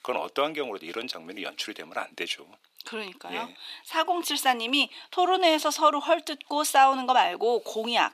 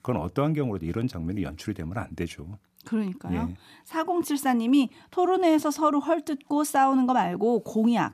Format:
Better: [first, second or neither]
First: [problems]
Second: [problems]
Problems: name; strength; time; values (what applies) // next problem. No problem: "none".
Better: second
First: thin; very; fading below 450 Hz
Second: none